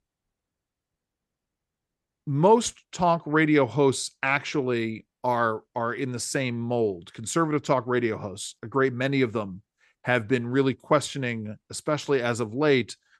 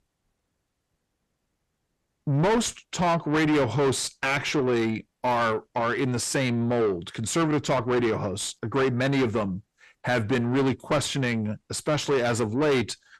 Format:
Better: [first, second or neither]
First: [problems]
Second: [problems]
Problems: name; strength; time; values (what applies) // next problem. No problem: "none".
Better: first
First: none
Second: distortion; heavy; 6 dB below the speech